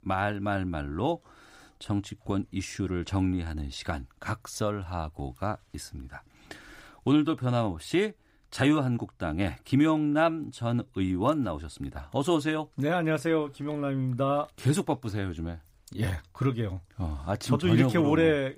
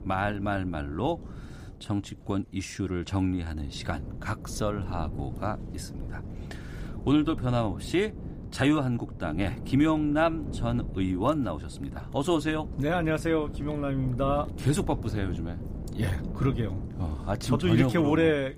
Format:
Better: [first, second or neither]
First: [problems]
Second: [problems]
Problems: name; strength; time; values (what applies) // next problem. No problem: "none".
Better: first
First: none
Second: wind noise on the microphone; occasional gusts; 15 dB below the speech